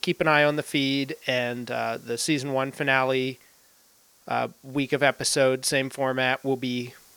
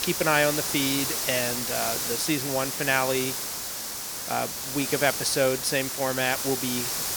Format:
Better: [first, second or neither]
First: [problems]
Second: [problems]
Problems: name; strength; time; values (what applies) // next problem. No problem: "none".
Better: first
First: hiss; faint; throughout; 30 dB below the speech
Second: hiss; loud; throughout; 1 dB below the speech